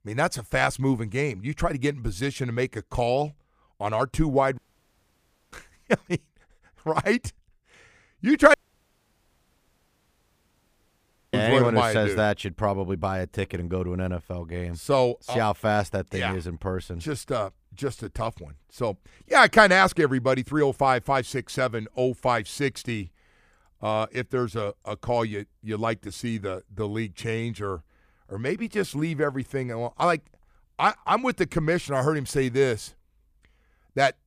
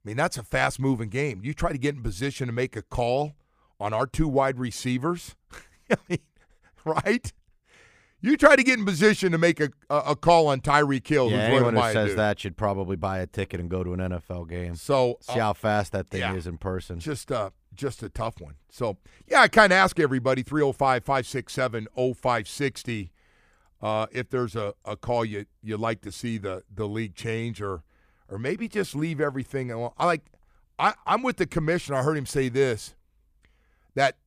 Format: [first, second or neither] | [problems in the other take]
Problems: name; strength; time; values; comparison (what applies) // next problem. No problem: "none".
second | audio cutting out; at 4.5 s for 1 s and at 8.5 s for 3 s